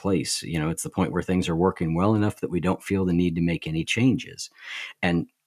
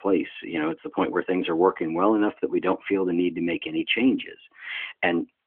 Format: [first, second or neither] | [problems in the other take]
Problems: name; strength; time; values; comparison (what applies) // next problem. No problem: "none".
first | phone-call audio; nothing above 3.5 kHz